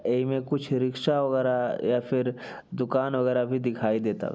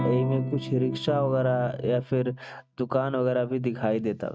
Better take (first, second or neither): first